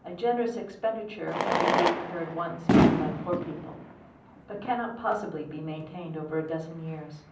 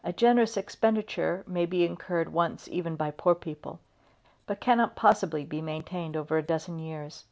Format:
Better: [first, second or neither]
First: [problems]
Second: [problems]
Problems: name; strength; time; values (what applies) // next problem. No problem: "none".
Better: second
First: background sound (Fireworks); 3 dB above the speech // room echo; dies away in 0.6 s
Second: none